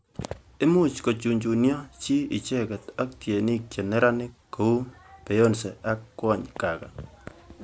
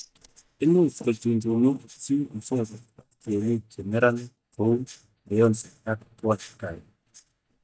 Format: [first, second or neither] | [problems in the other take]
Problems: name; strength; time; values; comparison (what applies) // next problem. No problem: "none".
first | noise reduction (neural mask model DeepFilterNet 3)